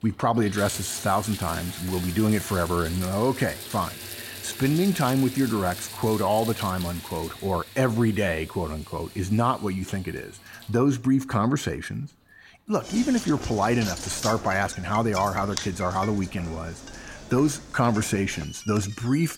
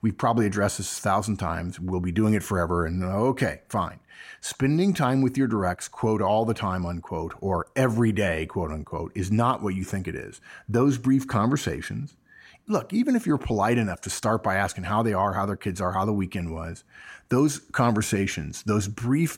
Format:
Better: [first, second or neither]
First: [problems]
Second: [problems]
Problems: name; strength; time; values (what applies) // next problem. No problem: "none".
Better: second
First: household noises; noticeable; throughout; 10 dB below the speech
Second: none